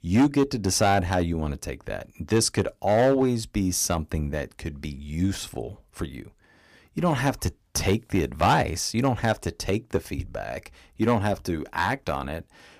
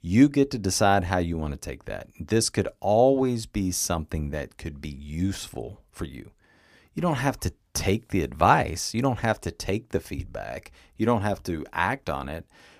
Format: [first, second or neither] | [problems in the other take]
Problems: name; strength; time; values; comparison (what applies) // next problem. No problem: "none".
second | distortion; slight; 3% of the sound clipped